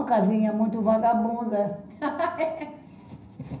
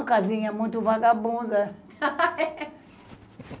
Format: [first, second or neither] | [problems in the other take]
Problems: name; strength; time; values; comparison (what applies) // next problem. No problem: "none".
second | room echo; dies away in 0.5 s